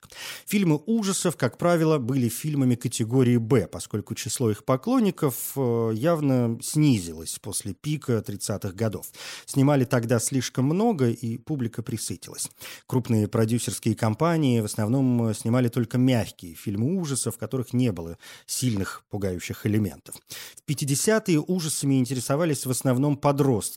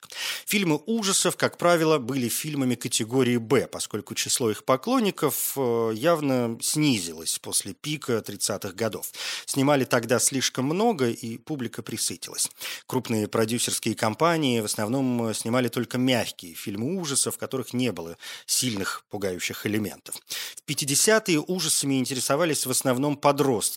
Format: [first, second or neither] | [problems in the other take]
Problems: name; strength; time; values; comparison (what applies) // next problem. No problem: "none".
first | thin; very slightly; fading below 450 Hz